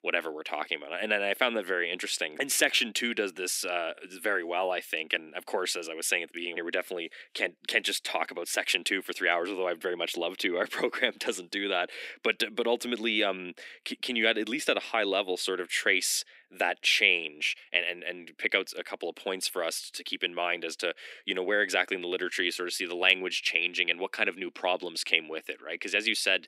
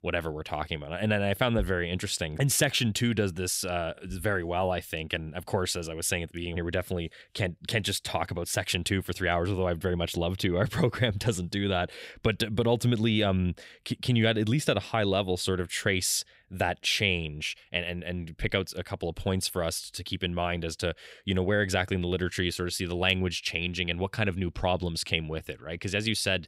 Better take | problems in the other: second | thin; somewhat; fading below 250 Hz

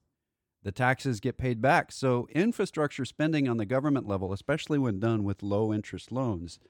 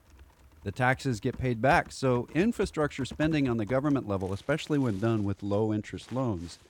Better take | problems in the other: first | household noises; faint; throughout; 20 dB below the speech

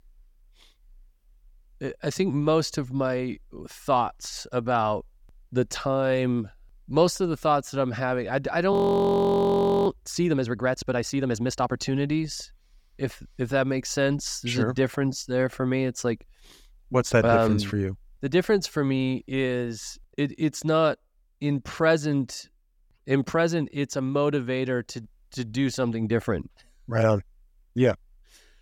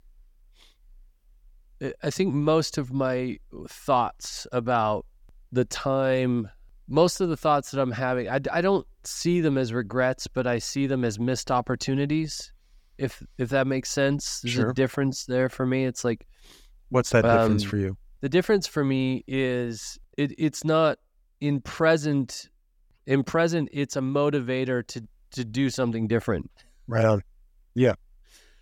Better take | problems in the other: second | audio freezing; at 8.5 s for 1 s

